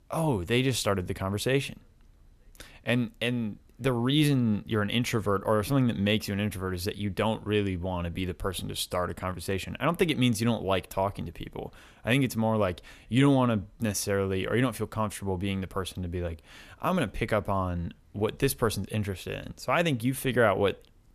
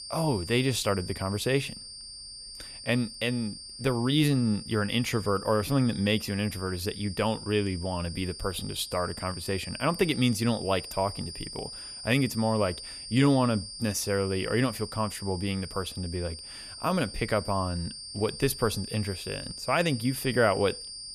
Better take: first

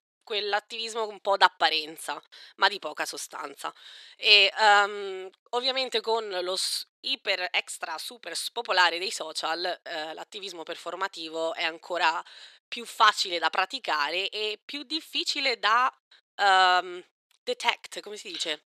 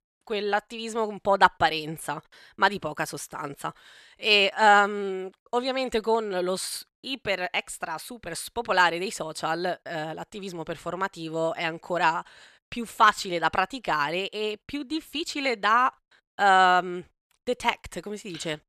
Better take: second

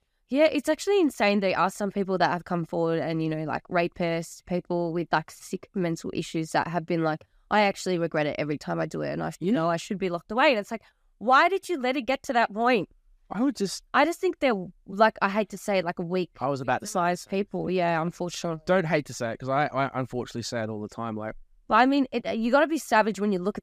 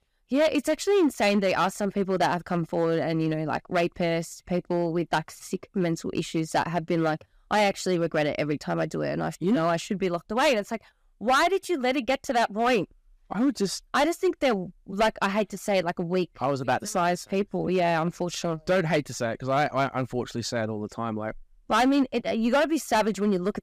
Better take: first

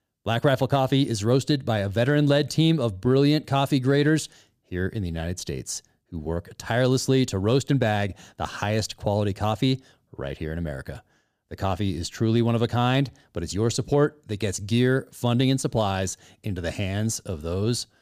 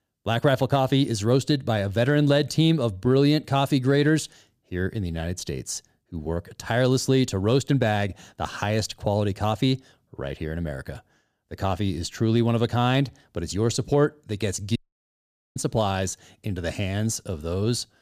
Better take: first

